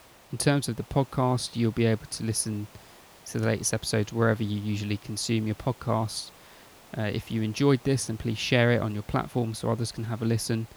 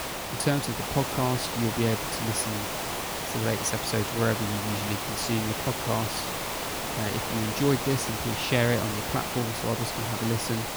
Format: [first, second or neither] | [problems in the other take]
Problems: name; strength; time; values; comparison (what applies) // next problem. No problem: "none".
first | hiss; loud; throughout; 1 dB below the speech; faint in the first